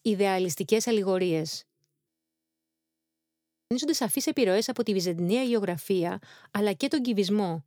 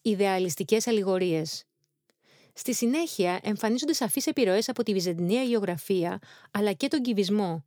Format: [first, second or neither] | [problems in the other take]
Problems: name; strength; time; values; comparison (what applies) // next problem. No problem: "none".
second | audio freezing; at 2 s for 1.5 s